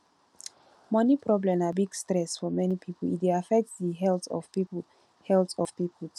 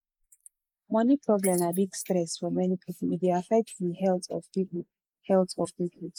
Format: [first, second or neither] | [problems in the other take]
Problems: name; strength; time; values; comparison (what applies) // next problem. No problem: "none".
first | noise reduction (neural mask model Resemble Enhance denoiser)